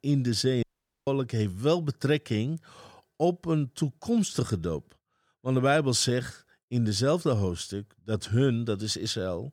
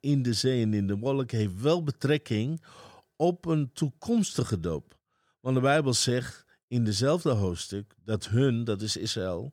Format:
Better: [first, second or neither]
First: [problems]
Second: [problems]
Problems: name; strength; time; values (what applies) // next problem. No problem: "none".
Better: second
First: audio cutting out; at 0.5 s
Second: none